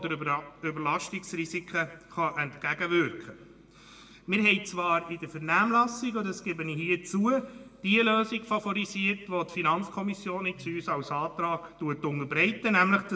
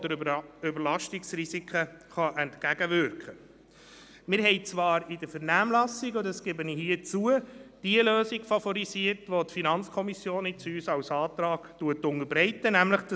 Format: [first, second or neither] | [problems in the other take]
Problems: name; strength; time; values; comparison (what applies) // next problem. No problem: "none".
second | room echo; dies away in 1.2 s